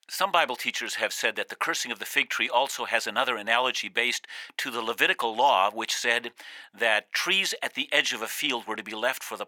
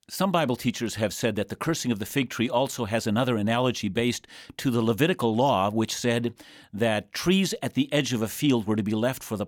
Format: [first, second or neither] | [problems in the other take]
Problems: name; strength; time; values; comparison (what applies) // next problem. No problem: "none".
second | thin; very; fading below 600 Hz